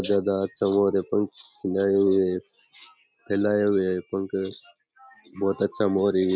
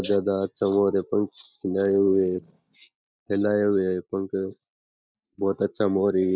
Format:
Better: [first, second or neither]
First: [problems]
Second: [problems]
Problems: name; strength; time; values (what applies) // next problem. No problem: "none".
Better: first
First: none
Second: noise reduction (neural mask model DeepFilterNet 3)